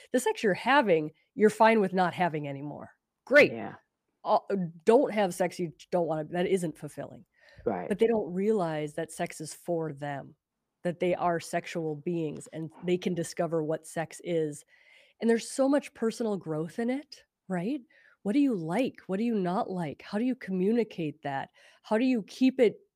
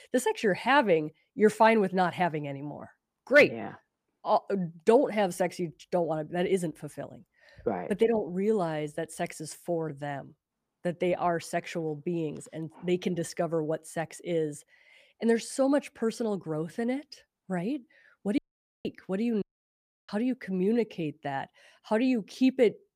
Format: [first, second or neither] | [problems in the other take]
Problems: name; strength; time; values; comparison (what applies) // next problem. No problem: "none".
first | audio cutting out; at 18 s and at 19 s for 0.5 s